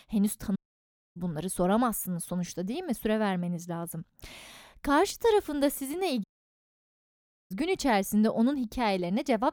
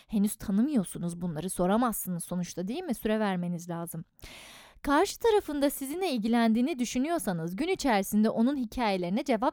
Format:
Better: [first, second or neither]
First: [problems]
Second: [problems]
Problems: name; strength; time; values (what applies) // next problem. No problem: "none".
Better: second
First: audio cutting out; at 0.5 s for 0.5 s and at 6 s for 1.5 s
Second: none